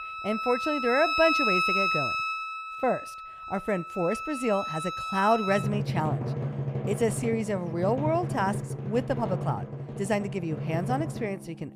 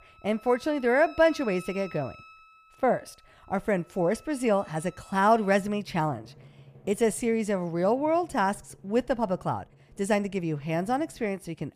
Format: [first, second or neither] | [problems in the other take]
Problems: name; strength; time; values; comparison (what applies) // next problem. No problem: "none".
second | background music; loud; throughout; 1 dB below the speech; faint in the second